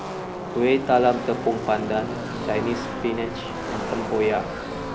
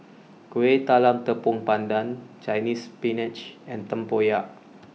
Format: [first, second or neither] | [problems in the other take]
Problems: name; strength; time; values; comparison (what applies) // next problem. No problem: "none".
second | background sound (Car passing by / Race car, auto racing); 6 dB below the speech